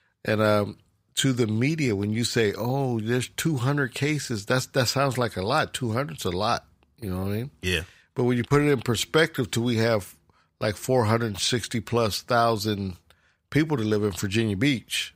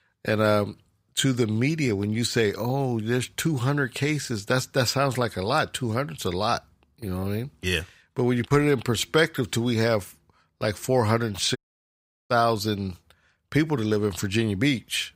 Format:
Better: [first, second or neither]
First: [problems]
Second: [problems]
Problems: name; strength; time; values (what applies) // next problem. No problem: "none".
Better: first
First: none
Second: audio cutting out; at 12 s for 0.5 s